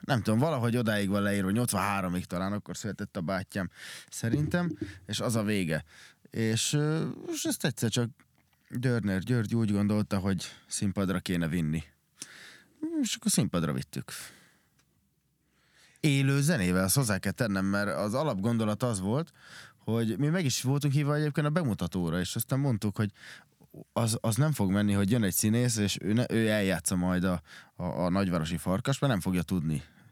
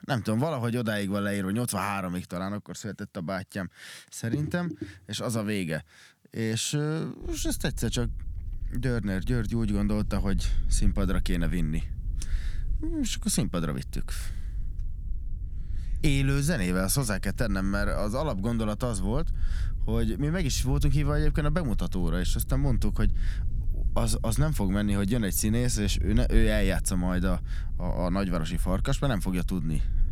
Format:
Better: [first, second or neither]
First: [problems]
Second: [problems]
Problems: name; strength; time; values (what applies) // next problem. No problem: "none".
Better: first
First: none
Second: low rumble; faint; from 7 s on; 20 dB below the speech